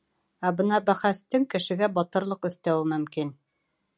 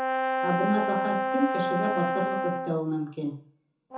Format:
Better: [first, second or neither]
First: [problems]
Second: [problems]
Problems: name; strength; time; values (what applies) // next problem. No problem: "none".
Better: first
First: none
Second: background sound (Brass instrument); 1 dB above the speech // room echo; dies away in 0.7 s